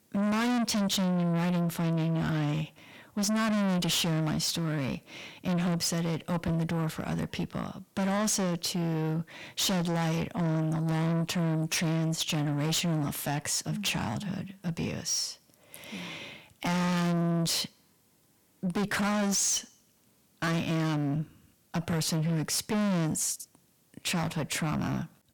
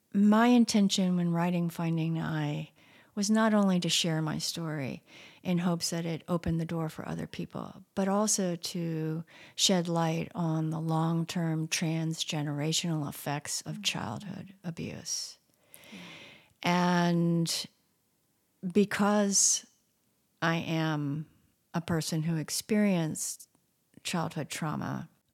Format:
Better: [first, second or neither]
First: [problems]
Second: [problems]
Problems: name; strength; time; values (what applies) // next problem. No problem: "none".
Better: second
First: distortion; heavy; 5 dB below the speech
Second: none